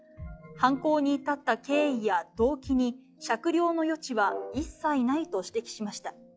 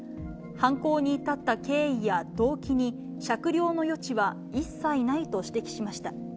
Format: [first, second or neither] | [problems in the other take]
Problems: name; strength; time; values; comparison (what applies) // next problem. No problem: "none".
second | noise reduction (classical method log-MMSE)